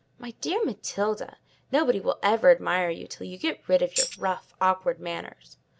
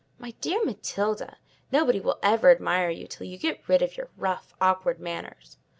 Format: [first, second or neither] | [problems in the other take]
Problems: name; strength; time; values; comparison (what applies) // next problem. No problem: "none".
second | background sound (Tambourine); 4 dB below the speech